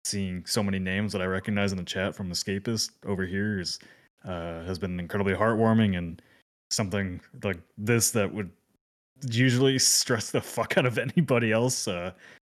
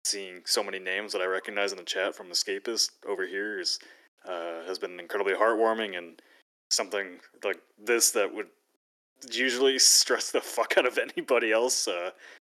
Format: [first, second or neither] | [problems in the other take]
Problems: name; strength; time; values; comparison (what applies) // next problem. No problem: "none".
first | thin; very; fading below 300 Hz